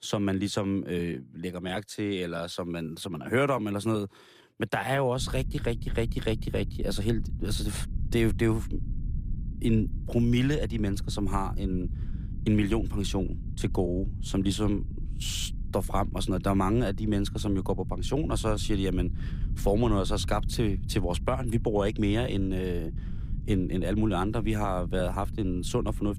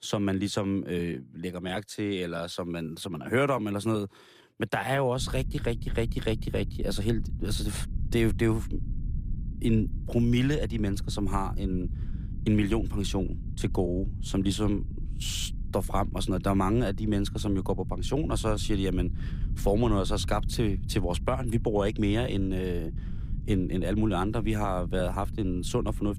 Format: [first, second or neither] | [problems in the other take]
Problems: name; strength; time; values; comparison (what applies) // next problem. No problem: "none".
neither | low rumble; noticeable; from 5 s on; 20 dB below the speech; the same in both